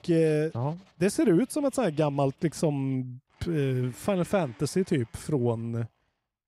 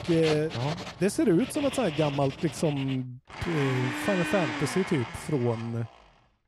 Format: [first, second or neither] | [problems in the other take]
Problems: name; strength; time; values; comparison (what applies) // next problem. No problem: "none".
first | household noises; loud; throughout; 7 dB below the speech; faint in the first